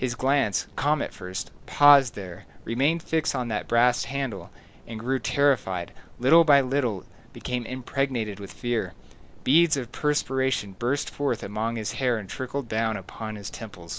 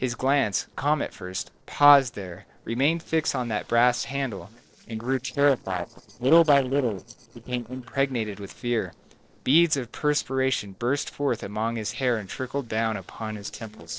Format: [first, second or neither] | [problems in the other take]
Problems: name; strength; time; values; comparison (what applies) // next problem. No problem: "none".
first | noise reduction (neural separator model SepFormer DNS4)